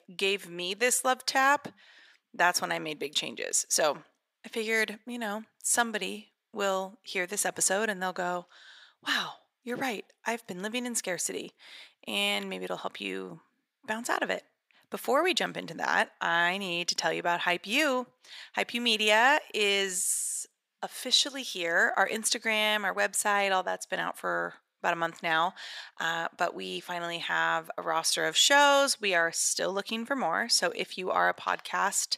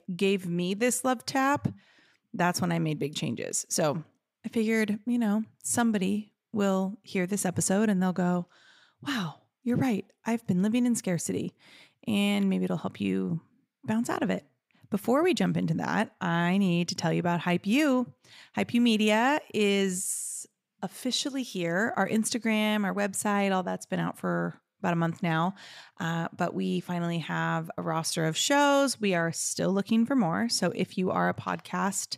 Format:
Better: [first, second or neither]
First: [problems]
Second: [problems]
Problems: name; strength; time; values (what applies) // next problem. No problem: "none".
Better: second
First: thin; very; fading below 550 Hz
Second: none